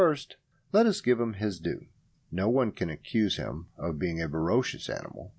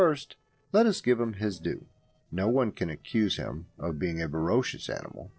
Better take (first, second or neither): first